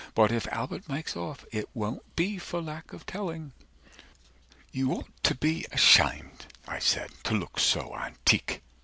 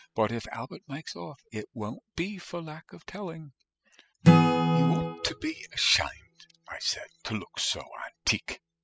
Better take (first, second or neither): first